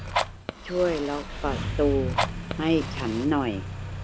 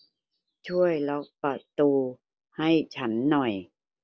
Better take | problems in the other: second | background sound (Engine starting + Fire); 3 dB below the speech

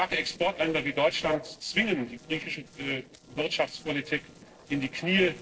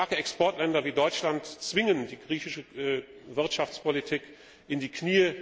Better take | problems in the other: second | noise reduction (neural separator model SepFormer DNS4)

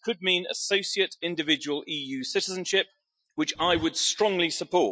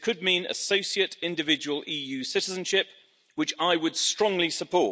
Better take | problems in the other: second | noise reduction (classical method Wiener filter)

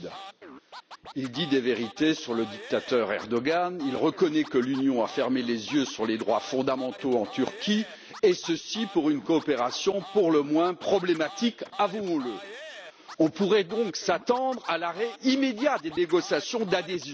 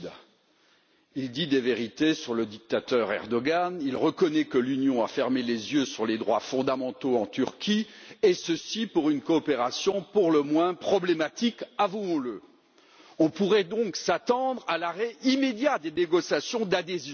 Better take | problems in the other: second | background sound (Scratching (performance technique)); 18 dB below the speech

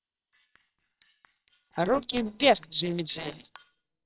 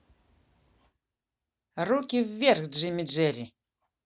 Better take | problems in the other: second | noise reduction (neural separator model SepFormer WHAMR!)

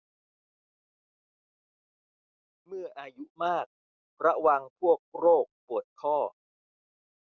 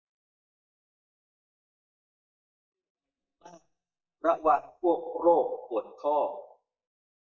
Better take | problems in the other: first | noise reduction (neural mask model DeepFilterNet 3)

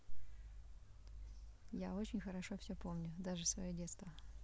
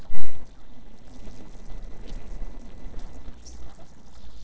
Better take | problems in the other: first | noise reduction (neural separator model SepFormer DNS4)

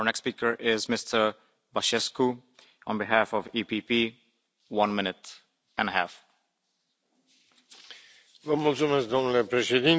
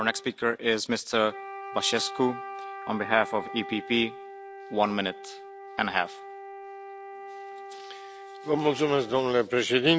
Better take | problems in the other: first | background sound (Wind instrument, woodwind instrument); 13 dB below the speech

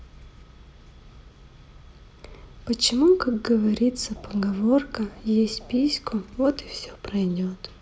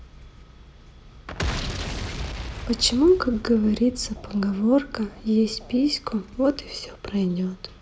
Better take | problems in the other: first | background sound (Boom); 8 dB below the speech

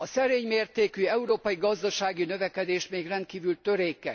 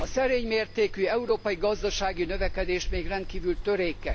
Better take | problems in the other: first | background sound (Sliding door); 6 dB below the speech

